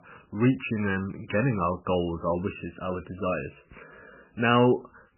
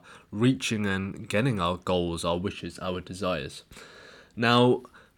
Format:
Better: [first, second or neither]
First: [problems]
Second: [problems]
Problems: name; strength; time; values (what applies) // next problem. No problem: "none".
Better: second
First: garbled, watery; badly; nothing above 3 kHz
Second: none